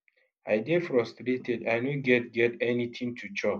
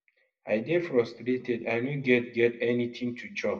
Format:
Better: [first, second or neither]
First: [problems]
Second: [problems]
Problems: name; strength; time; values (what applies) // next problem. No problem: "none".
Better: first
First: none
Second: room echo; dies away in 0.6 s